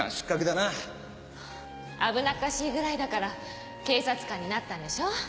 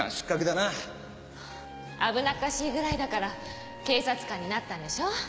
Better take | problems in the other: first | background sound (Raindrop / Drip); 12 dB below the speech

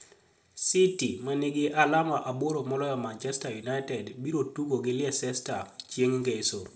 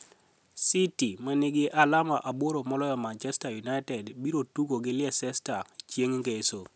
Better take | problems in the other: second | room echo; dies away in 0.3 s

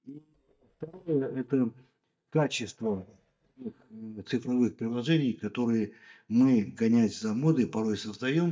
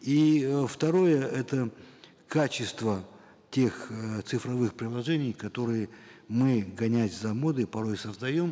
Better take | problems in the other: second | noise reduction (neural mask model DeepFilterNet 3)

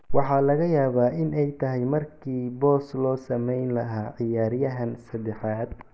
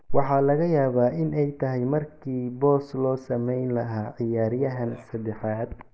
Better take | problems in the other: first | noise reduction (neural mask model Resemble Enhance denoiser)

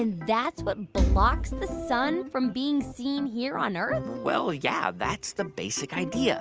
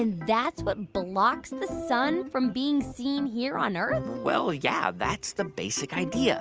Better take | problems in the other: second | background sound (Thump, thud); 2 dB above the speech

